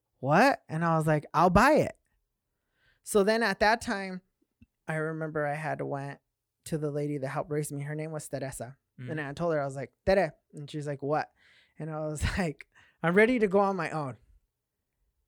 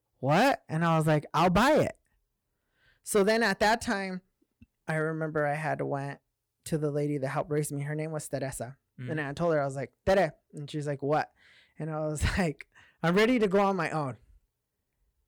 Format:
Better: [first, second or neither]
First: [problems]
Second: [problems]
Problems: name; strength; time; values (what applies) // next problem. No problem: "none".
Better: first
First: none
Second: distortion; slight; 4% of the sound clipped